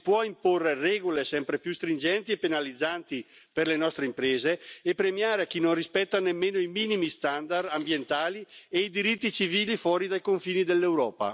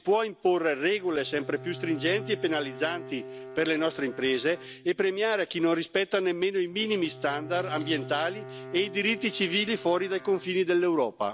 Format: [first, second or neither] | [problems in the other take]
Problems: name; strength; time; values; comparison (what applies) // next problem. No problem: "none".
first | background sound (Bowed string instrument); 16 dB below the speech